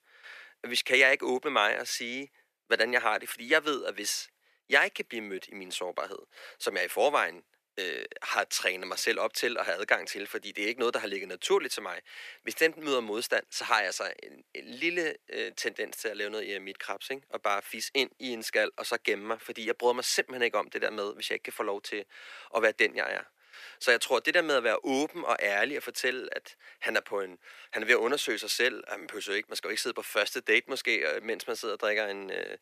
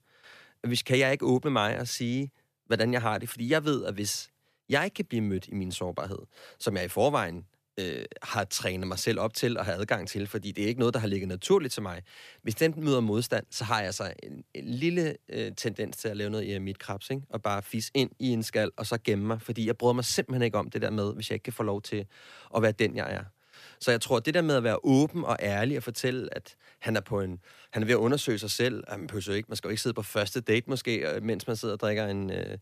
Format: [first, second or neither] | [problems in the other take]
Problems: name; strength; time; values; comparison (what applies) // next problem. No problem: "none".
second | thin; very; fading below 400 Hz